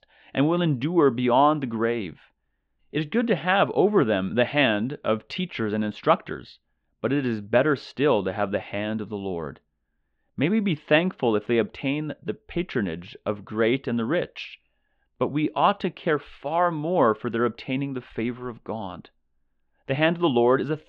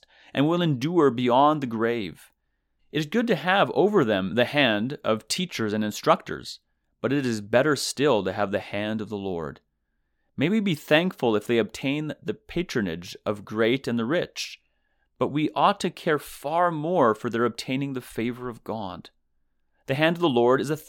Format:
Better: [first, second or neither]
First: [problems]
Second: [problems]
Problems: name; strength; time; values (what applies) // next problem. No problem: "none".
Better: second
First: muffled; slightly; fading above 3 kHz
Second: none